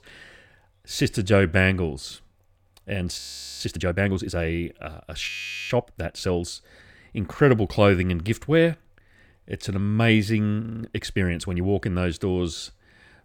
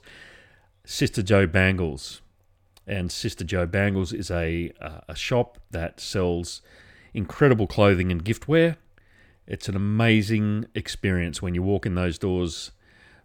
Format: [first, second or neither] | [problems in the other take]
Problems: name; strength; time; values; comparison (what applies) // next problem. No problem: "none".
second | audio freezing; at 3 s, at 5.5 s and at 11 s